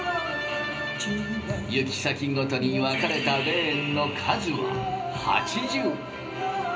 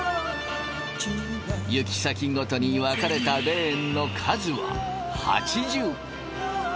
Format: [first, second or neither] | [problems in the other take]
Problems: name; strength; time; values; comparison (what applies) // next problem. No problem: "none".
second | room echo; dies away in 0.5 s